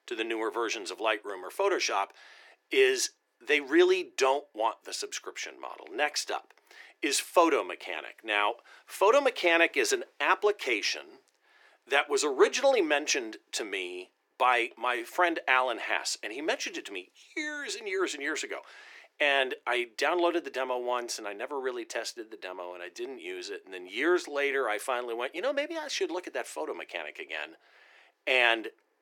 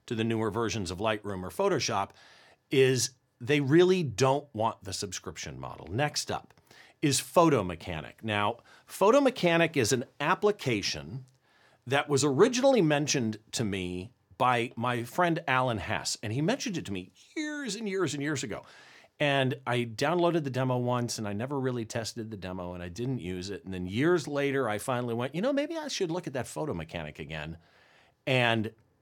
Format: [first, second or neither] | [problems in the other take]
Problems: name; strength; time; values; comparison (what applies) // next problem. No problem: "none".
second | thin; very; fading below 350 Hz